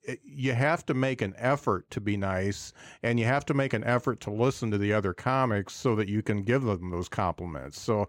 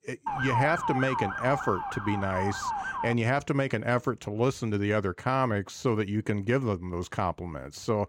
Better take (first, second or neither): first